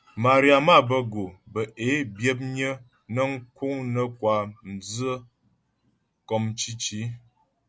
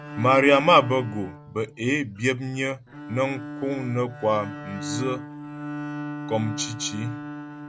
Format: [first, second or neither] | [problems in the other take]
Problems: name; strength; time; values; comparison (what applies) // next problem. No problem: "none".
first | background sound (Bowed string instrument); 10 dB below the speech